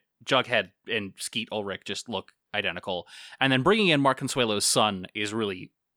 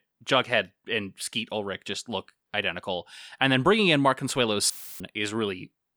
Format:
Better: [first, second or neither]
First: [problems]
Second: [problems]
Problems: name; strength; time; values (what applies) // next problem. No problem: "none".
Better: first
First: none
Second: audio cutting out; filled with static; at 4.5 s